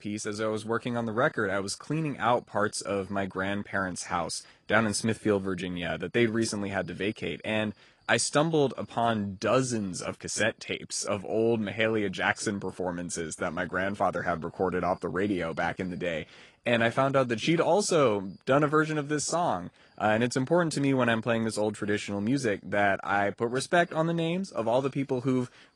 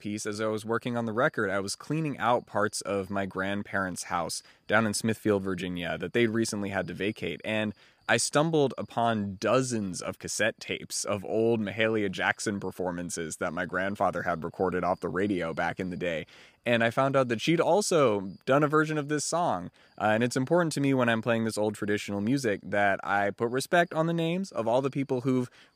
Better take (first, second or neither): second